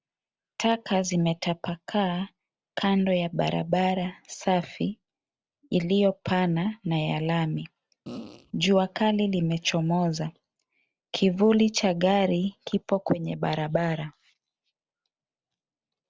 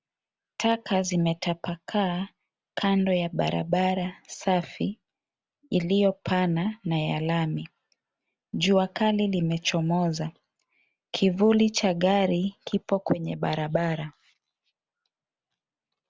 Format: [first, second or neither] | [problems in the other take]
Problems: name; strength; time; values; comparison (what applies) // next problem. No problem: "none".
second | noise reduction (neural separator model SepFormer DNS4)